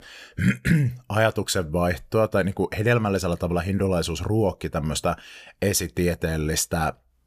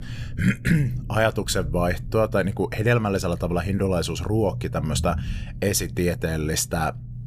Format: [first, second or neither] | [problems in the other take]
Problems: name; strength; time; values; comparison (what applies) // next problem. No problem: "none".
first | low rumble; faint; throughout; 20 dB below the speech